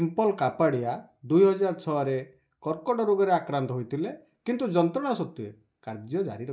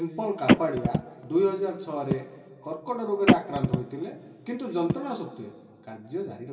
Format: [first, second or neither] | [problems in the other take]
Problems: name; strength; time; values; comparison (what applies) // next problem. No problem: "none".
first | background sound (Telephone); 3 dB above the speech // room echo; dies away in 2.2 s